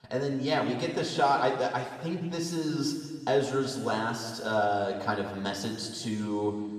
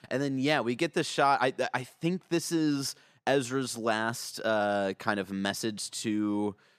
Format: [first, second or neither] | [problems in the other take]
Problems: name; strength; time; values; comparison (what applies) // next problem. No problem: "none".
second | room echo; noticeable; dies away in 1.6 s // off-mic speech; somewhat distant